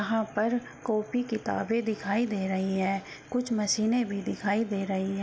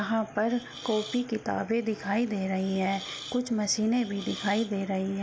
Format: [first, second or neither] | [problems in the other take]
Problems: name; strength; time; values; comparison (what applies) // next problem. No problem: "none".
first | background sound (Hiss); 15 dB below the speech